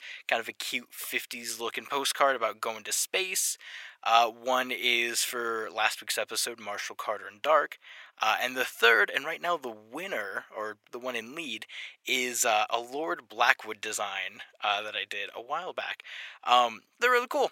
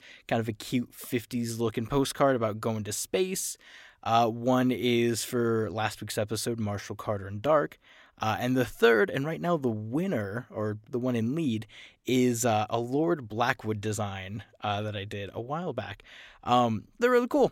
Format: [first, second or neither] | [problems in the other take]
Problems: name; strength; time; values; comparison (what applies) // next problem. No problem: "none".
second | thin; very; fading below 800 Hz